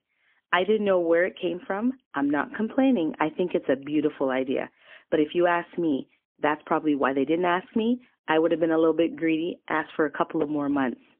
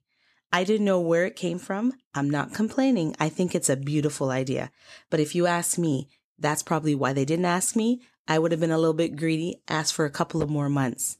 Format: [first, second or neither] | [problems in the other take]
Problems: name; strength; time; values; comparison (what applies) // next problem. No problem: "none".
second | phone-call audio; poor line; nothing above 3.5 kHz